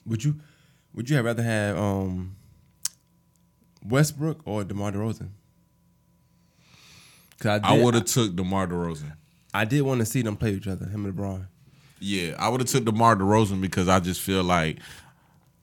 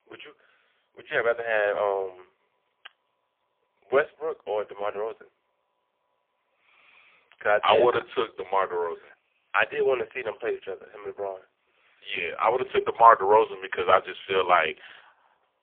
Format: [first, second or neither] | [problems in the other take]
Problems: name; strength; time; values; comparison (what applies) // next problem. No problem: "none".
first | phone-call audio; poor line; nothing above 3 kHz